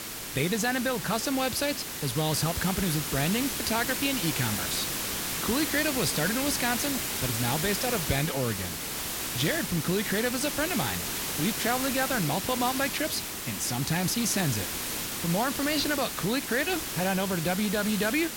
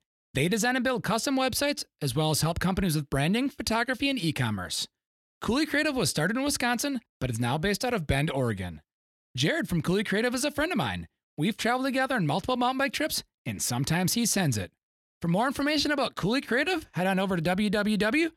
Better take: second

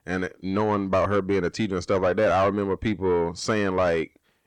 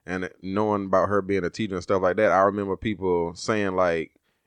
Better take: second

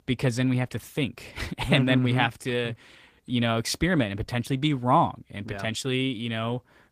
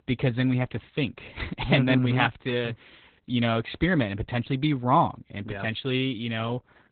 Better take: first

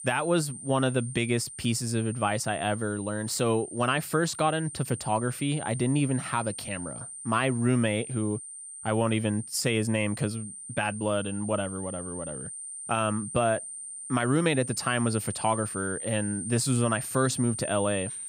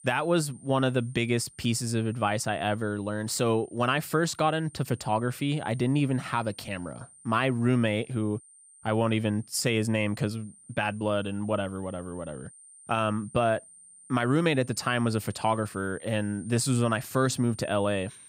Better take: second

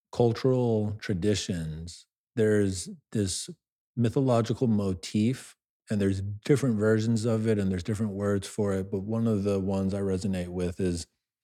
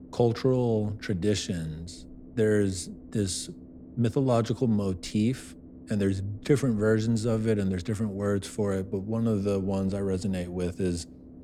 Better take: first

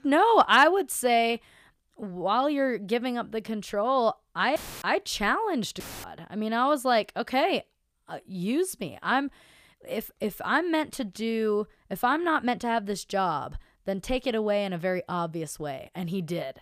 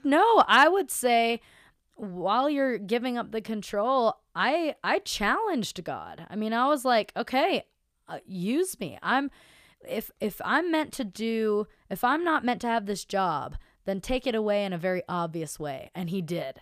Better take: second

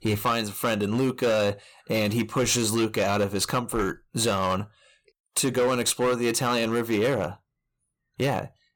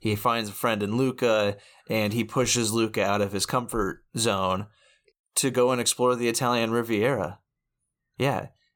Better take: second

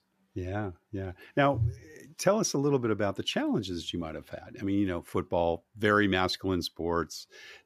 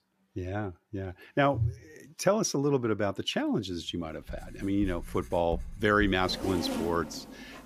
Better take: first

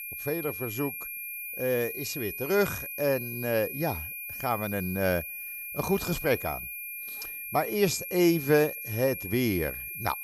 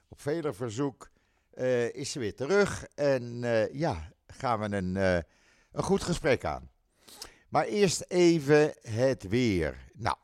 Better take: second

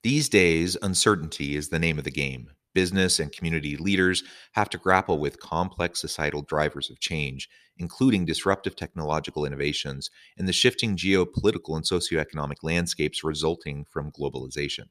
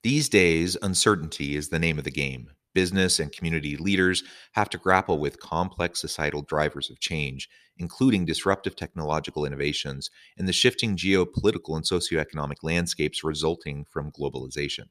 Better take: neither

